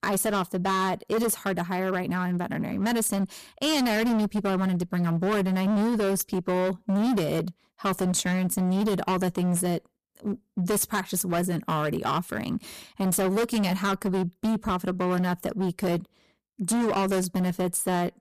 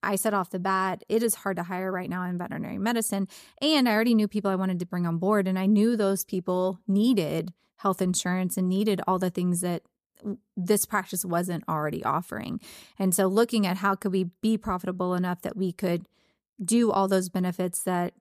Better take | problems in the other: second | distortion; heavy; 22% of the sound clipped

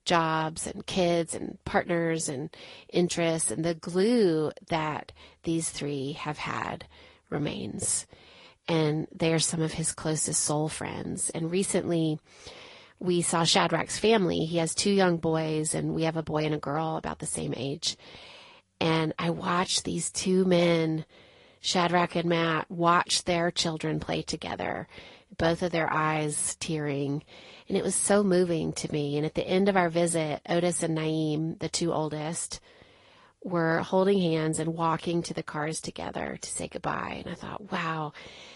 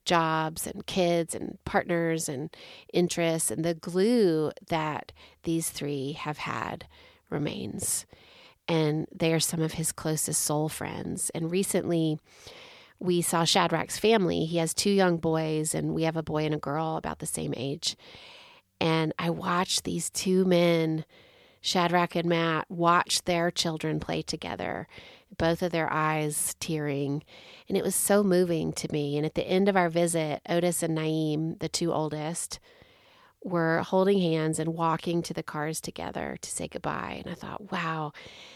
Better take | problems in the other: second | garbled, watery; slightly; nothing above 11 kHz

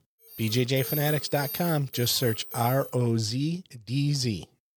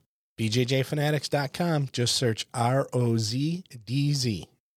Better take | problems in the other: second | alarm; noticeable; until 3 s; peak 3 dB below the speech

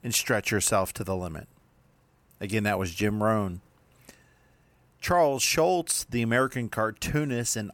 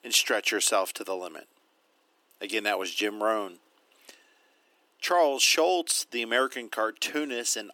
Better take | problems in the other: first | thin; somewhat; fading below 300 Hz

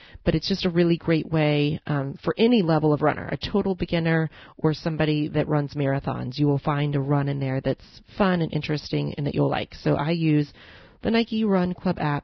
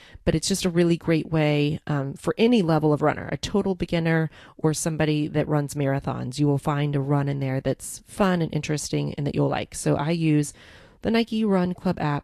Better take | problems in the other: second | garbled, watery; badly; nothing above 5.5 kHz; slightly in the second

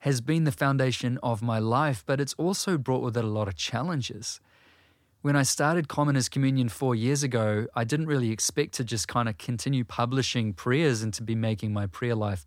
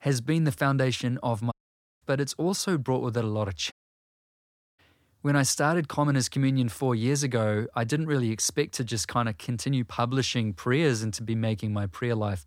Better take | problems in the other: first | audio cutting out; at 1.5 s and at 3.5 s for 1 s

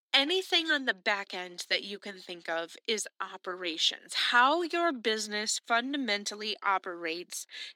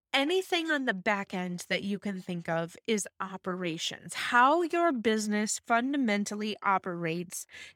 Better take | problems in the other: second | thin; very slightly; fading below 250 Hz

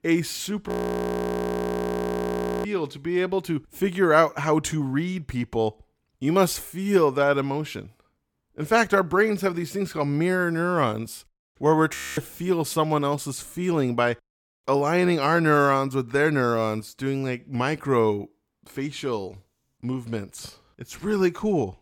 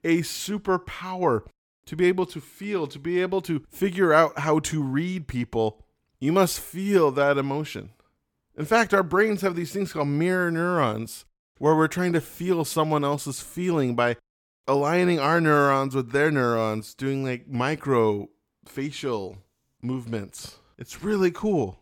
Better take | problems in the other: second | audio freezing; at 0.5 s for 2 s and at 12 s

